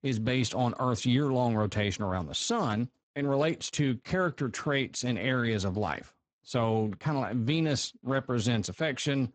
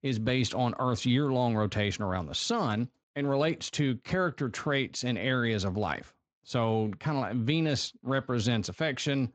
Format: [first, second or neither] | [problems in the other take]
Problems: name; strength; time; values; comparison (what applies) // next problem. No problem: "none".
second | garbled, watery; badly; nothing above 7.5 kHz; slightly in the second